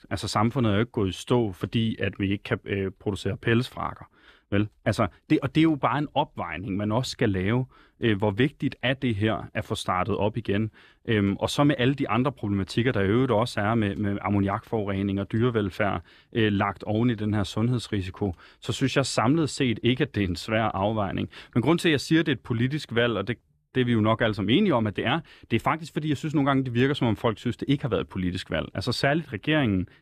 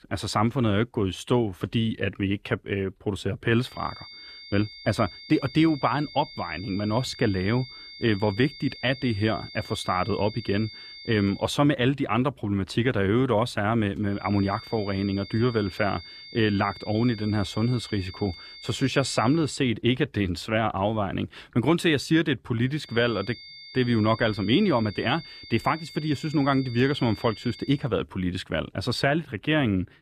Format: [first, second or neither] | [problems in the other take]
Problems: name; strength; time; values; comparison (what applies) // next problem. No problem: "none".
first | high-pitched whine; noticeable; from 3.5 to 11 s, from 14 to 19 s and from 23 to 28 s; 4.5 kHz, 15 dB below the speech